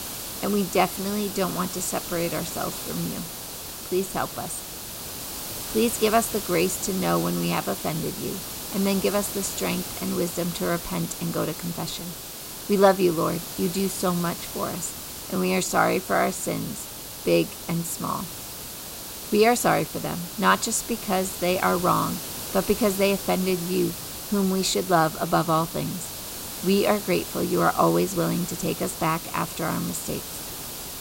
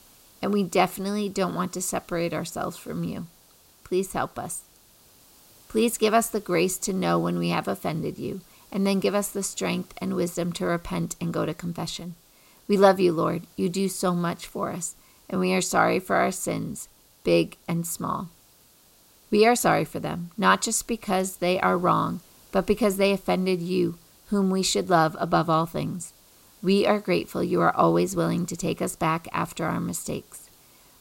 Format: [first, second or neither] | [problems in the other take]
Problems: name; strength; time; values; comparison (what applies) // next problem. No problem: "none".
second | hiss; loud; throughout; 7 dB below the speech; faint in the second